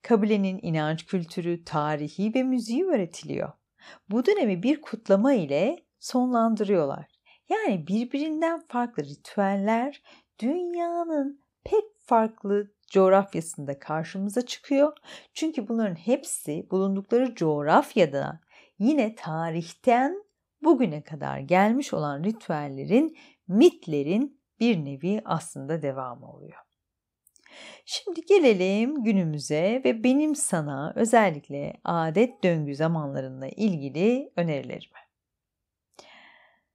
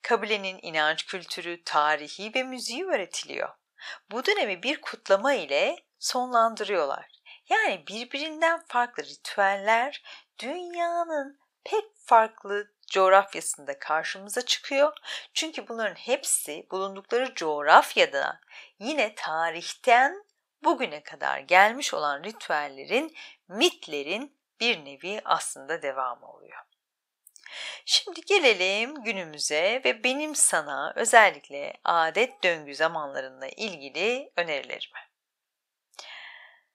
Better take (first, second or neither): first